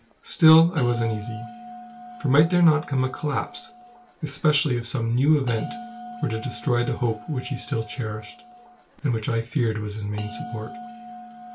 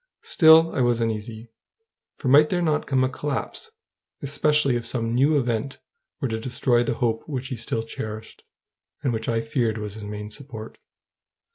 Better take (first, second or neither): second